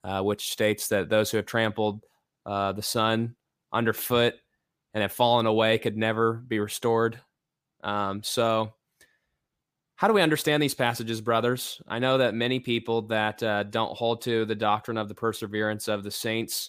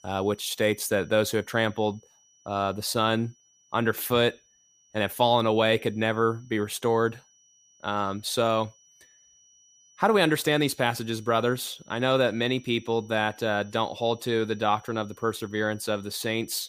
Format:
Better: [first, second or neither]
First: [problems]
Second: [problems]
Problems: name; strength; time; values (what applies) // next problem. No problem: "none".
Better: first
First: none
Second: high-pitched whine; faint; throughout; 6 kHz, 30 dB below the speech